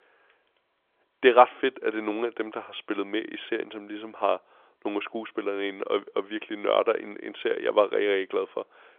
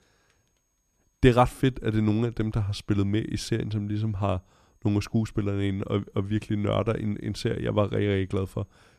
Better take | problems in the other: second | phone-call audio; nothing above 3.5 kHz

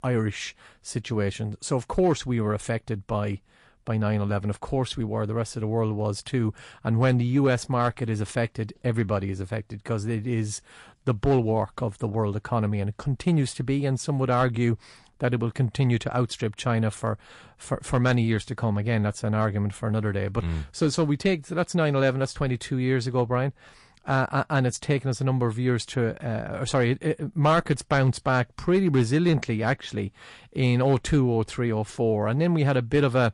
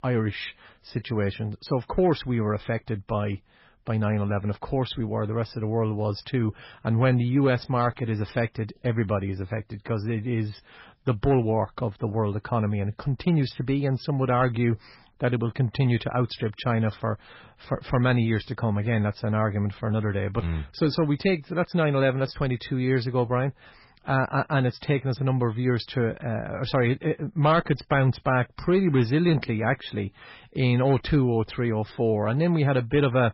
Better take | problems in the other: first | garbled, watery; badly; nothing above 5.5 kHz; slightly in the first

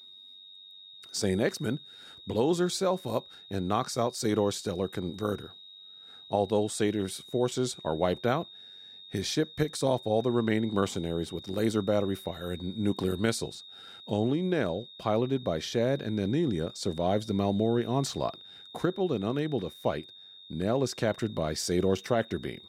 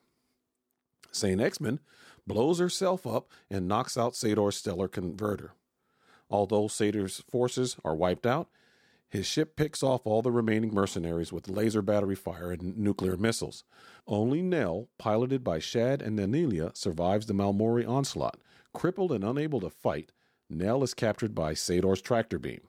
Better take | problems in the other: second | high-pitched whine; noticeable; throughout; 3.5 kHz, 15 dB below the speech

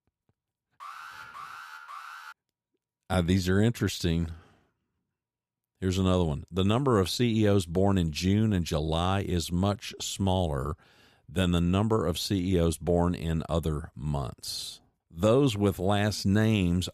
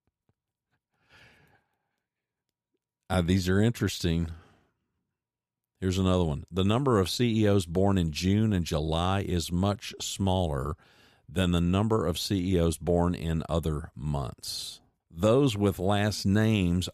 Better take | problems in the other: second | alarm; faint; from 1 to 2.5 s; peak 15 dB below the speech

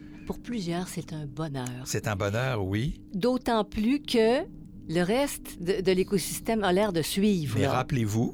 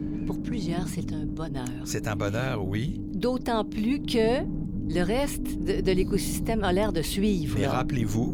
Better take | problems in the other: first | low rumble; loud; throughout; 9 dB below the speech; faint in the first

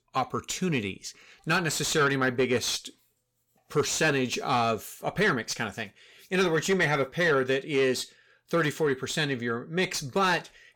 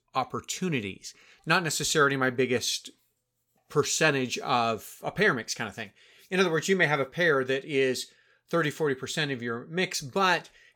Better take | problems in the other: second | distortion; slight; 10 dB below the speech

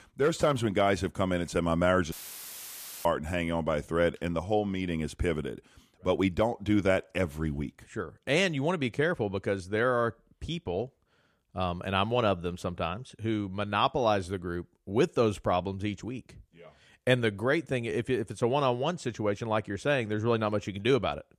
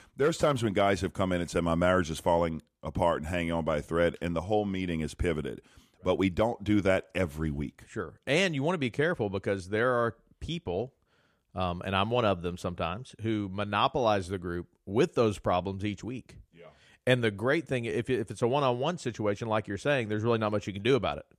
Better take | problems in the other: second | audio cutting out; filled with static; at 2 s for 1 s

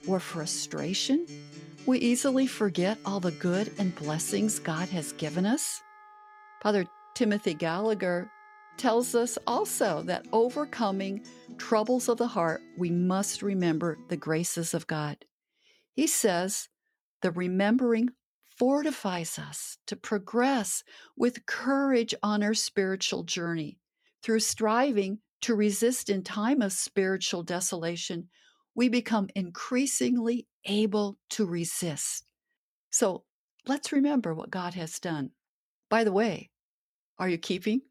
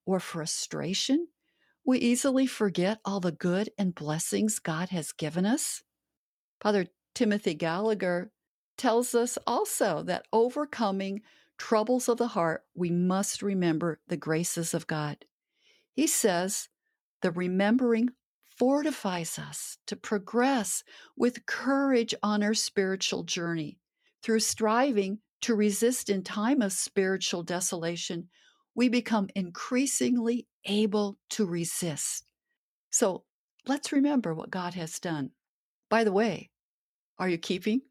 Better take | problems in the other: second | background music; noticeable; until 14 s; 20 dB below the speech

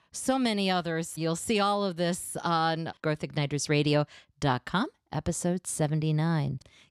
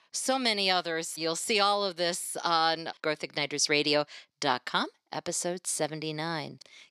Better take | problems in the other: first | thin; somewhat; fading below 350 Hz

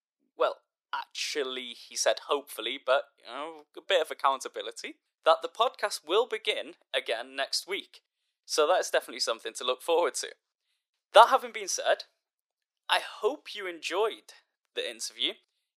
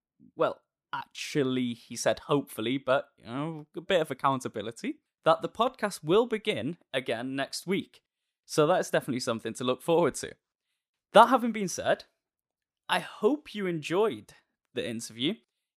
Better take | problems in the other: second | thin; very; fading below 450 Hz

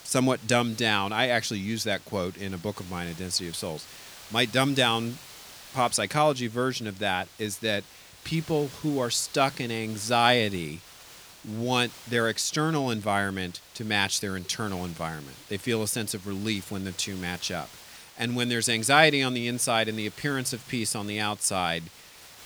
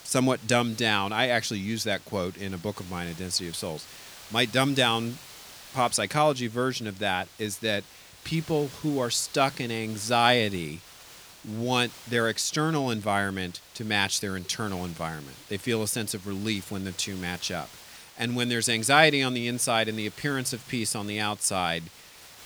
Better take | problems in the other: neither | hiss; noticeable; throughout; 20 dB below the speech; the same in both

